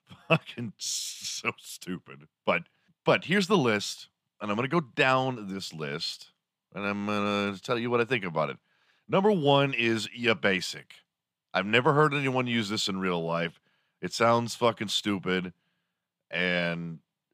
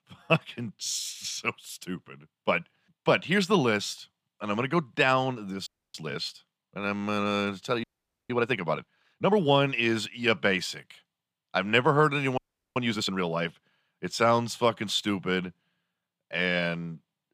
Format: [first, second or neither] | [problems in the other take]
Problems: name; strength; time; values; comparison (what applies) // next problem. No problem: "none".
first | audio freezing; at 5.5 s, at 8 s and at 12 s